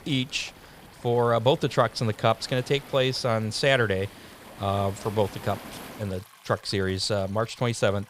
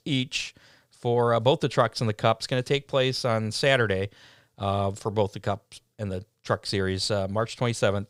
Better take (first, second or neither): second